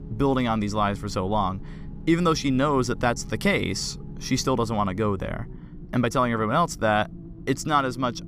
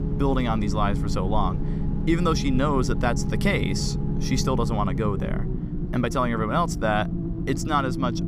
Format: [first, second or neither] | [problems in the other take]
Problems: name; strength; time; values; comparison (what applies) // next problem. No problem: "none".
first | low rumble; loud; throughout; 10 dB below the speech; faint in the first